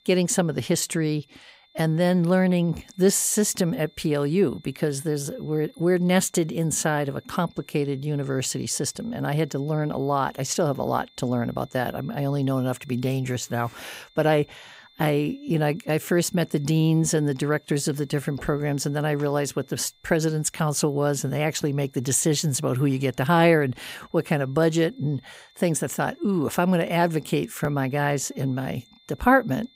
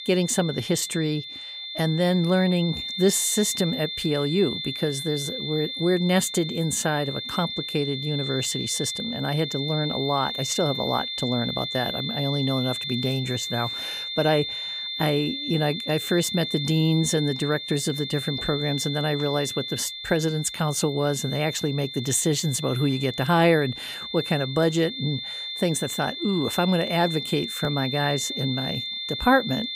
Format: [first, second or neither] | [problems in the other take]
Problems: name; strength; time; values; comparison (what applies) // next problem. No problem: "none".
first | high-pitched whine; loud; throughout; 3.5 kHz, 5 dB below the speech; faint in the first